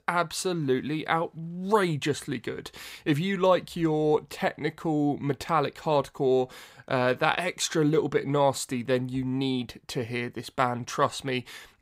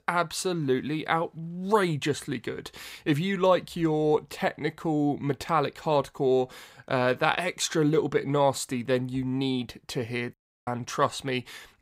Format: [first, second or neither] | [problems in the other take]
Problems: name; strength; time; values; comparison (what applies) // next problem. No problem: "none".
first | audio cutting out; at 10 s